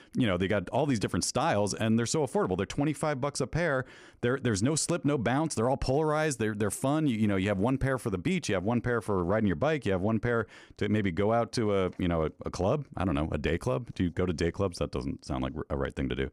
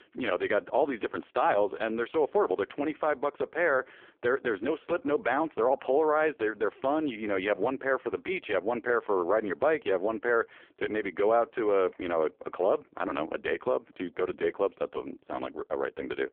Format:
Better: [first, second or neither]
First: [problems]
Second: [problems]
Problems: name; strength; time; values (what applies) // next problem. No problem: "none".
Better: first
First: none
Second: phone-call audio; poor line